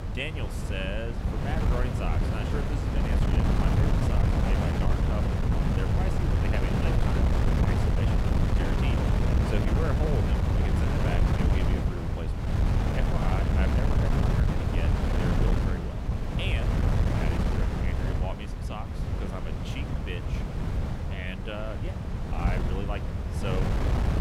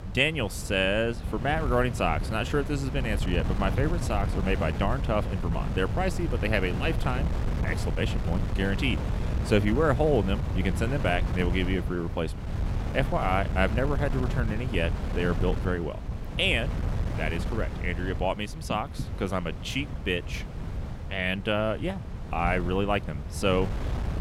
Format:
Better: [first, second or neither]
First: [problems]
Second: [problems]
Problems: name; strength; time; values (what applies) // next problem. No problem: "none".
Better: second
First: wind noise on the microphone; heavy; 3 dB above the speech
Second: wind noise on the microphone; occasional gusts; 10 dB below the speech